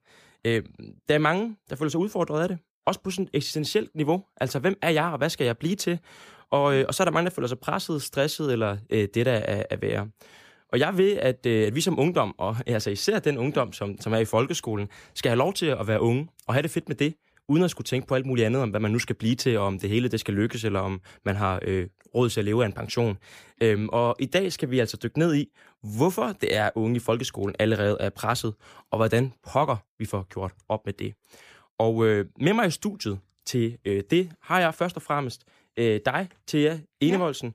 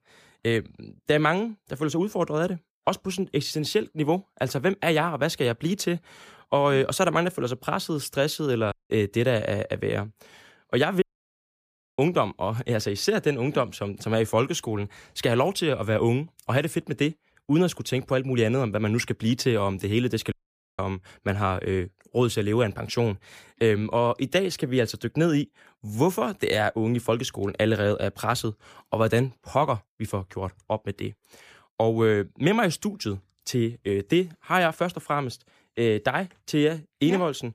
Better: first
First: none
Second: audio cutting out; at 8.5 s, at 11 s for 1 s and at 20 s

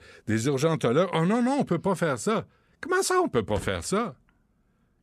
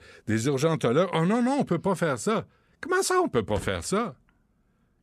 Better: neither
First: none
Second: none

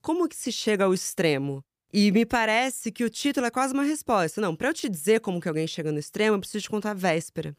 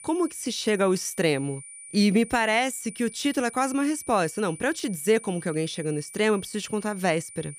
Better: first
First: none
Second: high-pitched whine; noticeable; throughout; 9.5 kHz, 15 dB below the speech

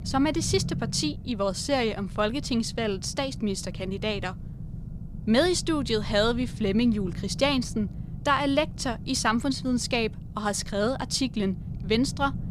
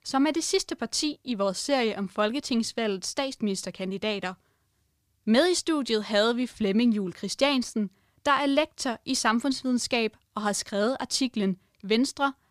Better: second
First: low rumble; noticeable; throughout; 20 dB below the speech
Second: none

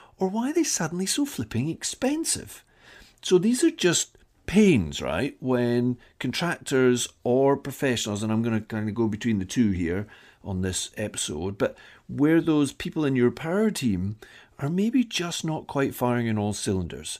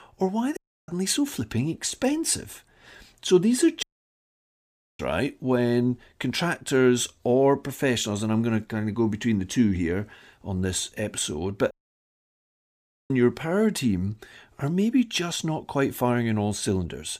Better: first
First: none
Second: audio cutting out; at 0.5 s, at 4 s for 1 s and at 12 s for 1.5 s

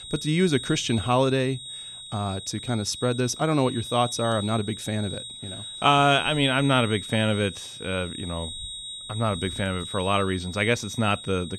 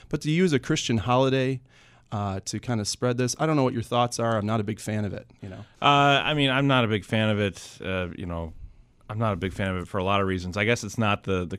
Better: second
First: high-pitched whine; noticeable; throughout; 4 kHz, 10 dB below the speech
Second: none

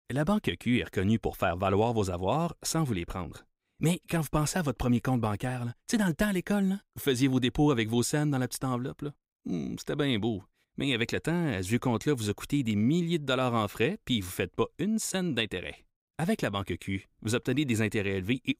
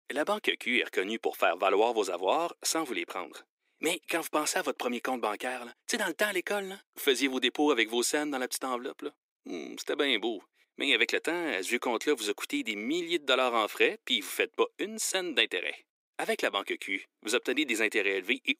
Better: first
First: none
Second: thin; somewhat; fading below 300 Hz

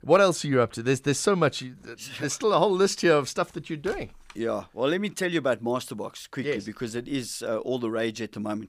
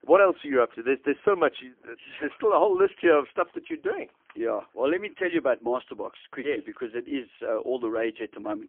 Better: first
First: none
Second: phone-call audio; poor line; nothing above 3.5 kHz

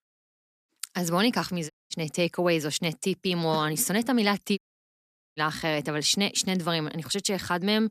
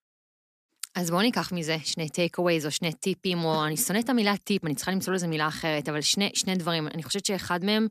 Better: second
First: audio cutting out; at 1.5 s and at 4.5 s for 1 s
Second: none

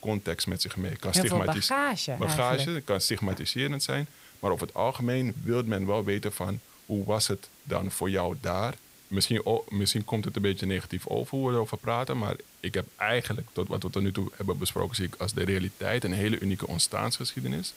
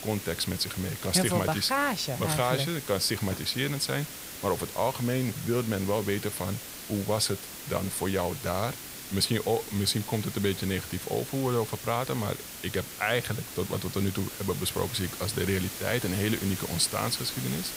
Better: first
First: hiss; faint; throughout; 25 dB below the speech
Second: hiss; loud; throughout; 9 dB below the speech

